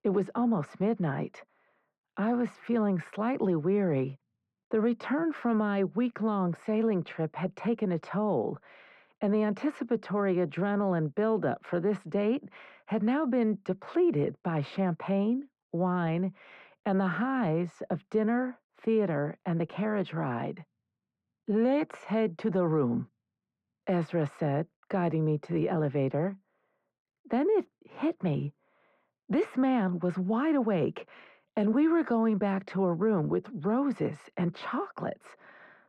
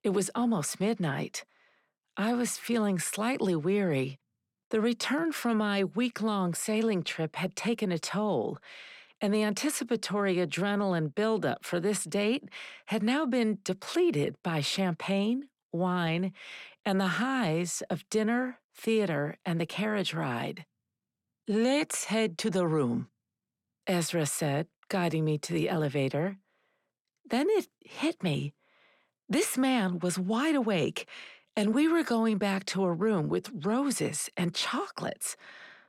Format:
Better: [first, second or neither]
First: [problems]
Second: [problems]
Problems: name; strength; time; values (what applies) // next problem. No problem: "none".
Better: second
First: muffled; very; fading above 4 kHz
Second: none